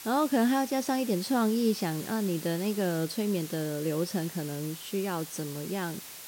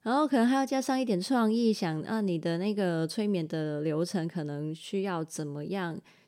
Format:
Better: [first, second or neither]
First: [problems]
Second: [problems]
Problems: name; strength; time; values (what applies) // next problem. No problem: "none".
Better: second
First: hiss; noticeable; throughout; 10 dB below the speech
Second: none